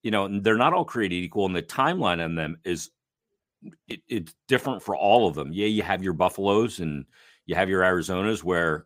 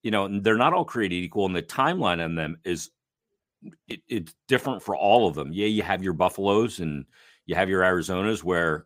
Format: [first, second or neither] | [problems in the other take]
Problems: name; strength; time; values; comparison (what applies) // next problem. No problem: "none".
neither | none